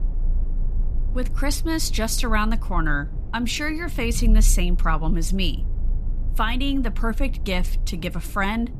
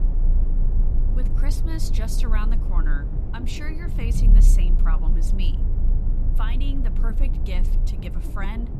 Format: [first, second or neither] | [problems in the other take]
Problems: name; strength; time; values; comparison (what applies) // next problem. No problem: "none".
first | low rumble; loud; throughout; 5 dB below the speech; faint in the first